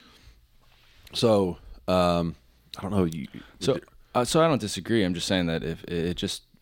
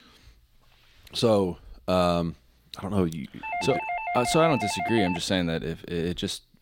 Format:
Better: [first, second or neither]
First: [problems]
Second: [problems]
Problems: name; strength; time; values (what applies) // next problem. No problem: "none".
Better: first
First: none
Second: doorbell; noticeable; from 3.5 to 5 s; peak 3 dB below the speech